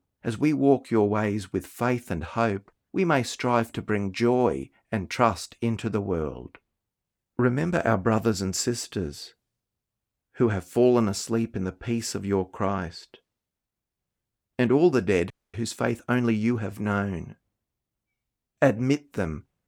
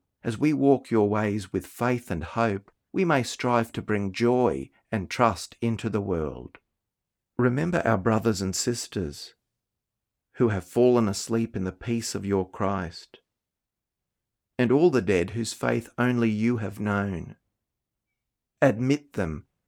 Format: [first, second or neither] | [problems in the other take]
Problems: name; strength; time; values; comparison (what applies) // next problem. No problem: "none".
second | audio freezing; at 15 s